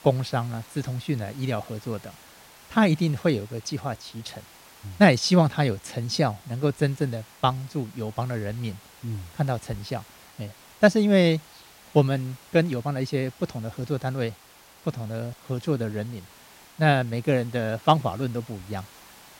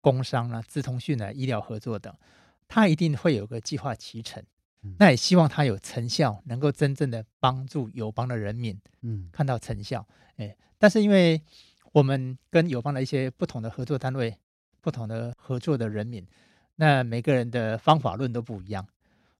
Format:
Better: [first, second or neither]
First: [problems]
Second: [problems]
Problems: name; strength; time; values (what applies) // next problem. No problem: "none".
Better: second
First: hiss; faint; throughout; 25 dB below the speech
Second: none